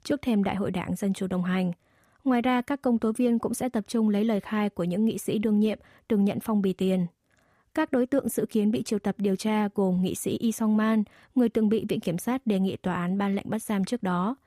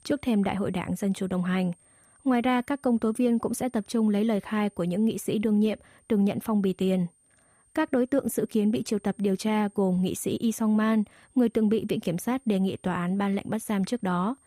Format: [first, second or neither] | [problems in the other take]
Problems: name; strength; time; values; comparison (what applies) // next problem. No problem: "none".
first | high-pitched whine; faint; throughout; 9 kHz, 30 dB below the speech